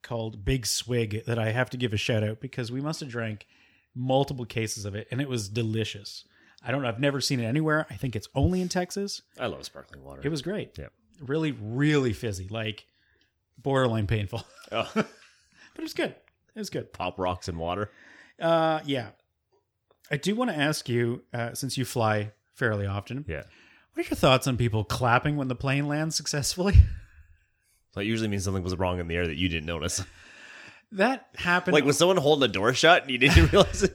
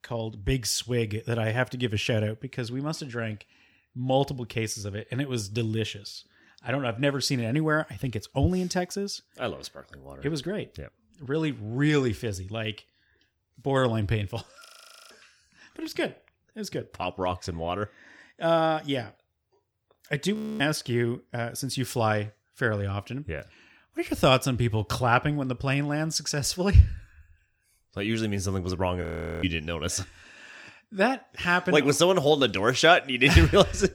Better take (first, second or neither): first